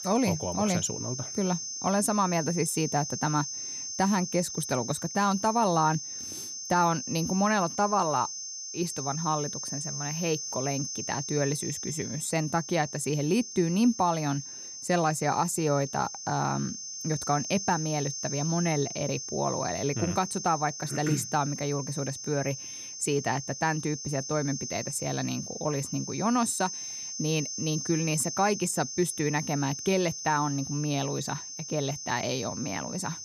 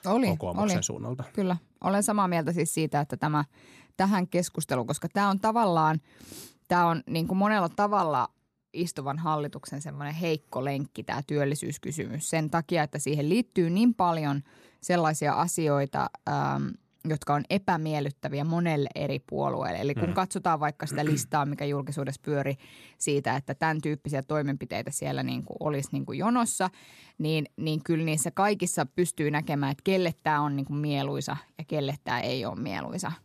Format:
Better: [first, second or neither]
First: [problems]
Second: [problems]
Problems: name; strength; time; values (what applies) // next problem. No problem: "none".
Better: second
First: high-pitched whine; loud; throughout; 6 kHz, 6 dB below the speech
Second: none